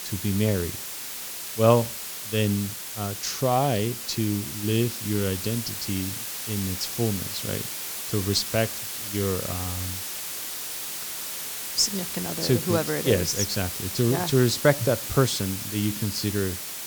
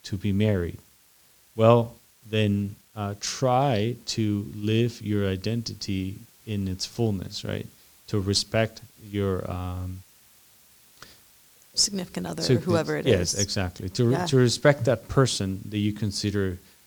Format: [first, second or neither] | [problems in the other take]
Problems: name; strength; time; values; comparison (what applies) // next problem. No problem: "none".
second | hiss; loud; throughout; 5 dB below the speech; faint in the second